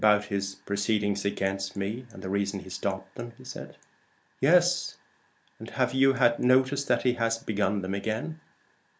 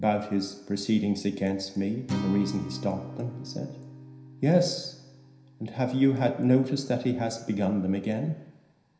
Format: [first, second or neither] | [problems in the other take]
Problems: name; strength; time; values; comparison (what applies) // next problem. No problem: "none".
first | background sound (Acoustic guitar); 13 dB below the speech // room echo; dies away in 0.9 s